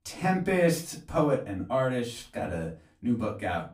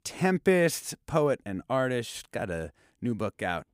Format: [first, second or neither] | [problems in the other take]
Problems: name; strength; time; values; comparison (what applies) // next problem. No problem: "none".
second | off-mic speech; far // room echo; very slight; dies away in 0.3 s